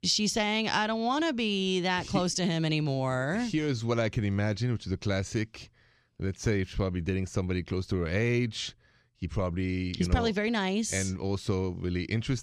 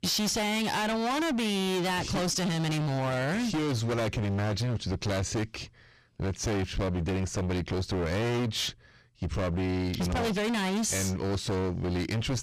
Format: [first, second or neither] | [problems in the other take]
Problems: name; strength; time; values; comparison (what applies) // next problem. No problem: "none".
first | distortion; heavy; 39% of the sound clipped